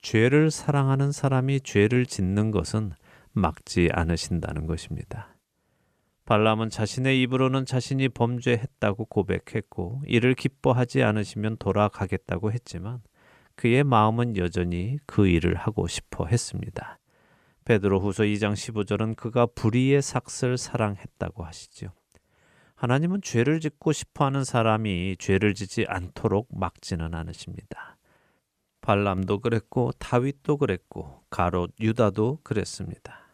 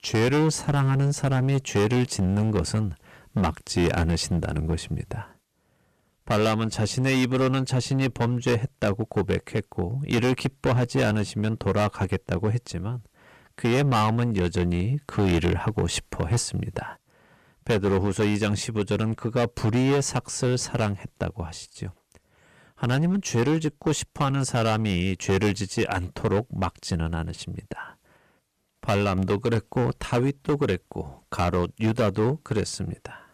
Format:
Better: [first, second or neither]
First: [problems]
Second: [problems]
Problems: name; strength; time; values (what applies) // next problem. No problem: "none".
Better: first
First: none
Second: distortion; heavy; 11% of the sound clipped